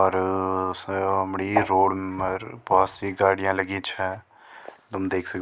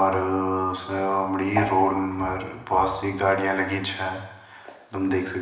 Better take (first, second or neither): first